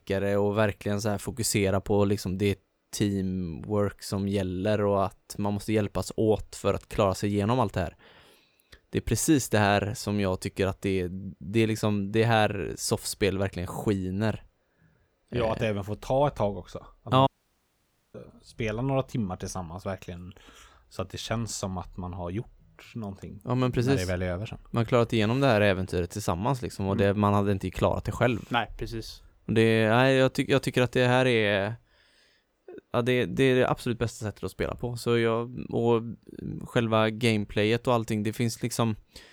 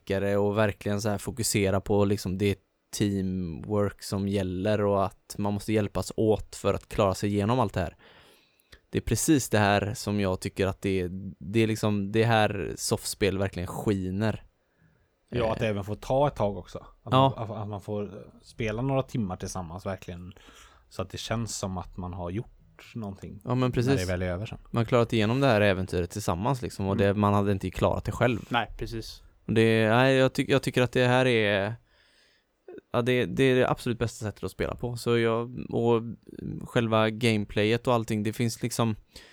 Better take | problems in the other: second | audio cutting out; at 17 s for 1 s

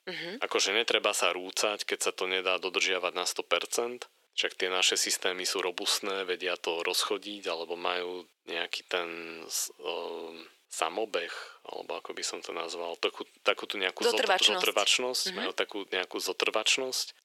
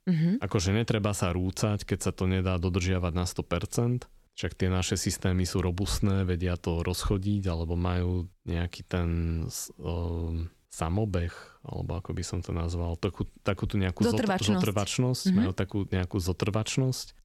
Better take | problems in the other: second | thin; very; fading below 400 Hz

